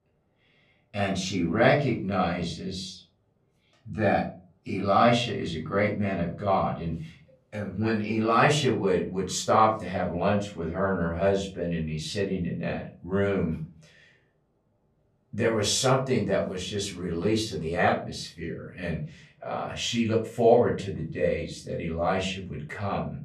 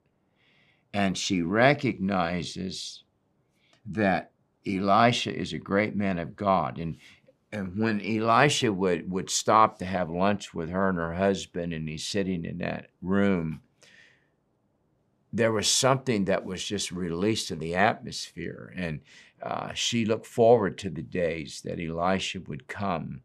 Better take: second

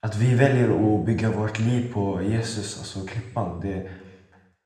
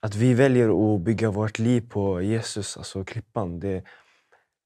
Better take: second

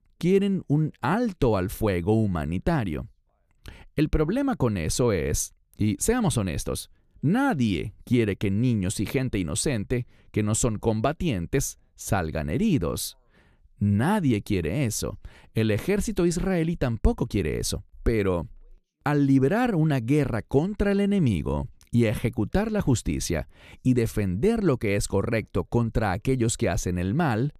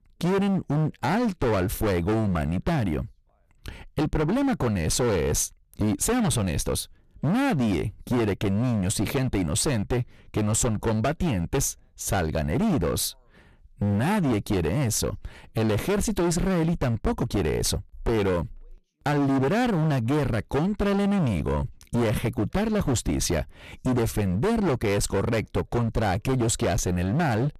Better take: first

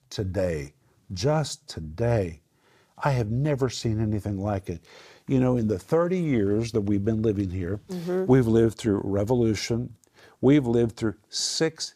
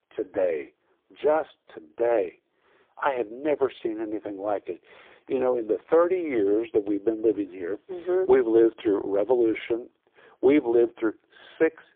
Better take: first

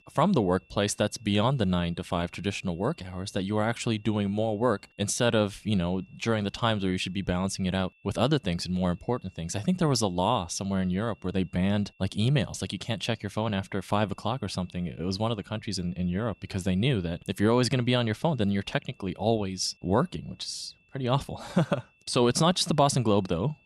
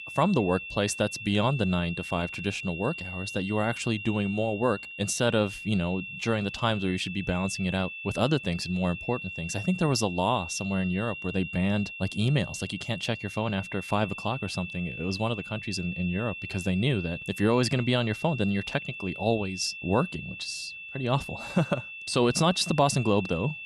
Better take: first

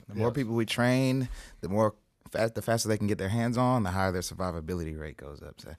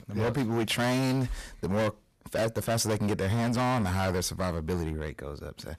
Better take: first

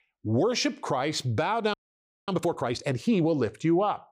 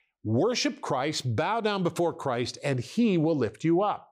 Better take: second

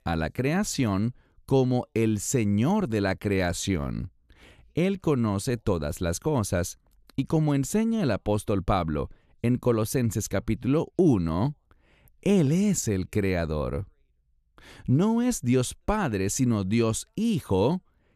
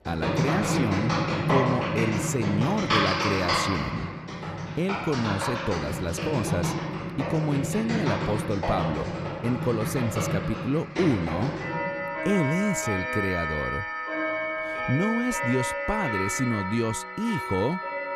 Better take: first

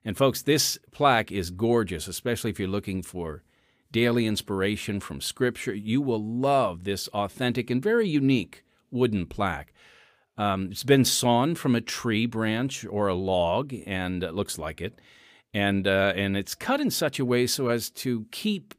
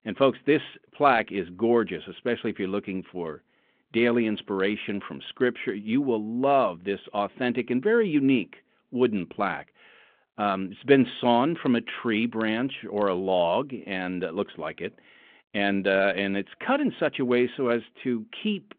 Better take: first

